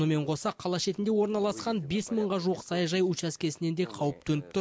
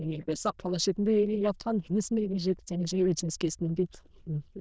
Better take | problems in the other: first | noise reduction (neural diffusion model UNIVERSE++)

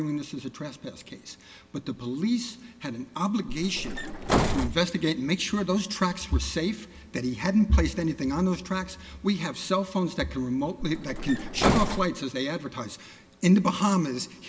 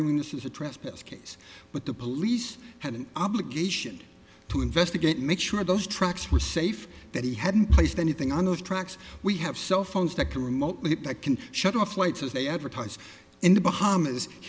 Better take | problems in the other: second | background sound (Bus); 1 dB below the speech // room echo; dies away in 1.2 s

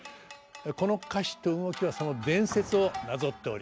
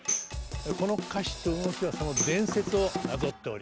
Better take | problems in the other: first | background sound (Tambourine + Drum / Drum kit); 3 dB below the speech

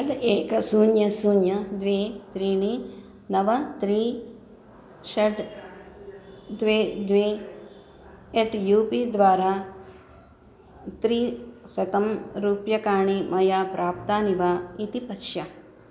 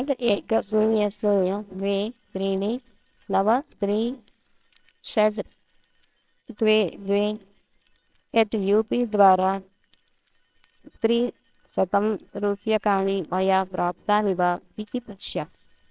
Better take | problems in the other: first | noise reduction (neural separator model SepFormer WHAMR!)

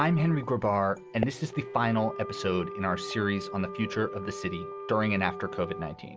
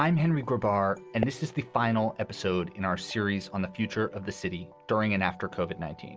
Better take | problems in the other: second | background sound (Wind instrument, woodwind instrument); 11 dB below the speech

